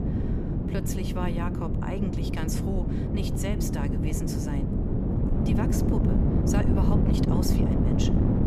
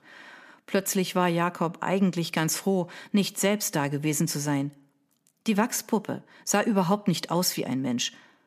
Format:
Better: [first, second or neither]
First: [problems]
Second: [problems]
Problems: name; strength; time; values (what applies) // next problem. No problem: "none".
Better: second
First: wind noise on the microphone; heavy; 3 dB above the speech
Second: none